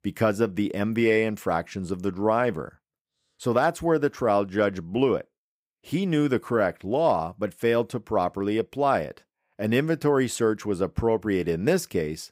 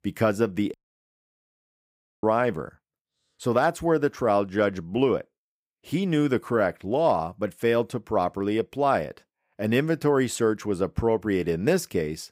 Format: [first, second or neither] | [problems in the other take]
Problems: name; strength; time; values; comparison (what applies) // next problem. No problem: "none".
first | audio cutting out; at 0.5 s for 1.5 s